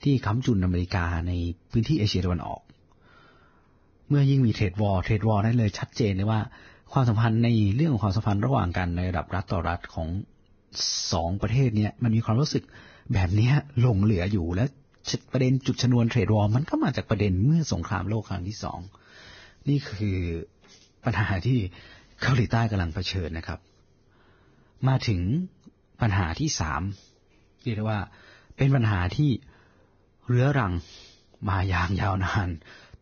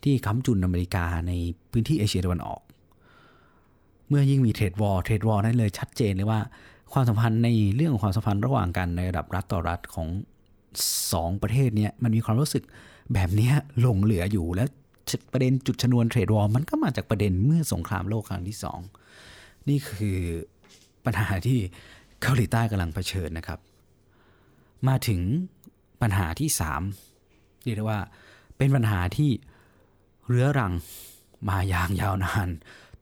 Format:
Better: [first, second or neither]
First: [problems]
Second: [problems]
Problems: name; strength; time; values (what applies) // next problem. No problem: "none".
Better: second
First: garbled, watery; badly; nothing above 6.5 kHz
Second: none